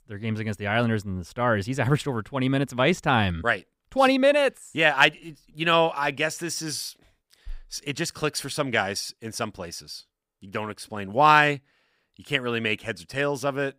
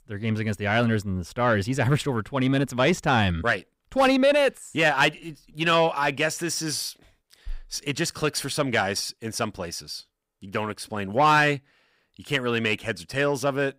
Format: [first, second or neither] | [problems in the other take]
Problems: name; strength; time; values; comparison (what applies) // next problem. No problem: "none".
first | distortion; slight; 10 dB below the speech